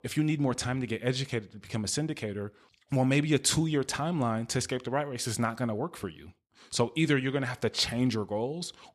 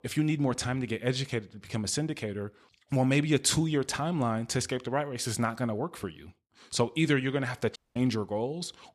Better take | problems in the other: first | audio cutting out; at 8 s

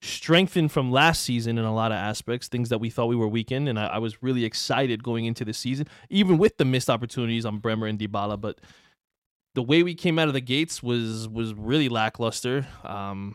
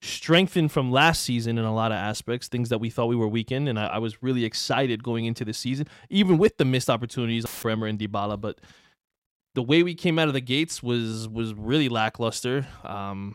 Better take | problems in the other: first | audio cutting out; filled with static; at 7.5 s

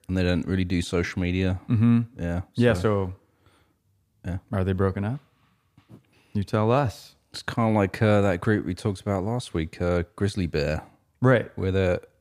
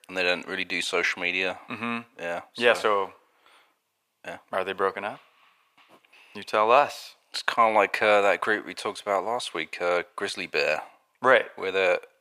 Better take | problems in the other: first | thin; very; fading below 650 Hz

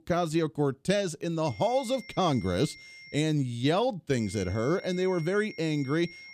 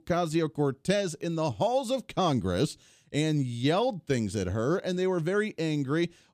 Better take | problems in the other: second | high-pitched whine; noticeable; from 1.5 to 3 s and from 4 s on; 2 kHz, 20 dB below the speech

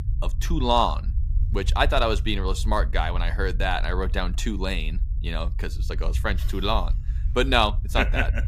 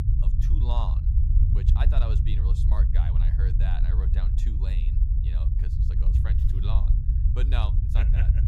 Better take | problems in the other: first | low rumble; loud; throughout; 2 dB below the speech; faint in the first

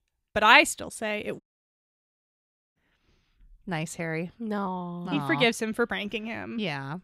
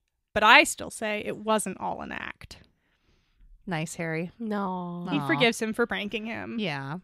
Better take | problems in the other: second | audio cutting out; at 1.5 s for 1.5 s

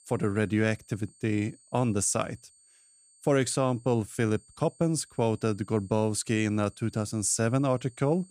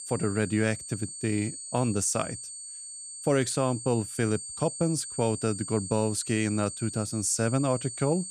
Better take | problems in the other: first | high-pitched whine; loud; throughout; 8.5 kHz, 8 dB below the speech; faint in the first

